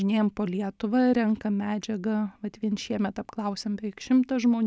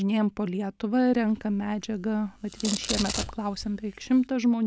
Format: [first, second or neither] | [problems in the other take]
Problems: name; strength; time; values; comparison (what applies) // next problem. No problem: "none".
first | background sound (Domestic sounds, home sounds); 11 dB below the speech